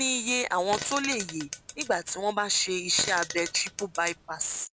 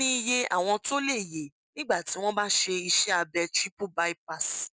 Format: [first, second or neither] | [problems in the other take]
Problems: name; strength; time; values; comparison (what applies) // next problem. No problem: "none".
second | background sound (Fart); 11 dB below the speech